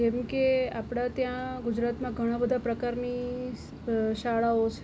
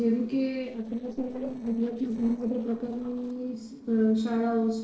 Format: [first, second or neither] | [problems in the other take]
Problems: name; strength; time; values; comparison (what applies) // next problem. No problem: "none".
first | noise reduction (neural separator model SepFormer DNS4)